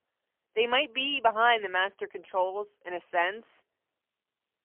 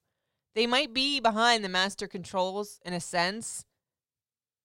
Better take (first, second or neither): second